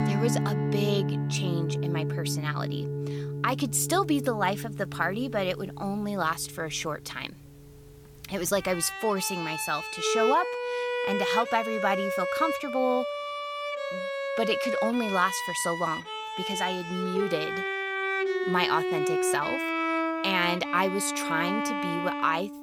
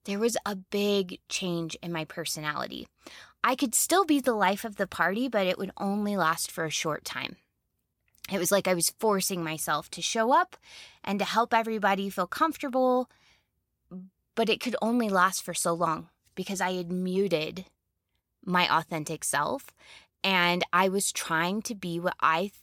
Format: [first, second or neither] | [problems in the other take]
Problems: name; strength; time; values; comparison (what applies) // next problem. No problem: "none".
second | background music; loud; throughout; 1 dB below the speech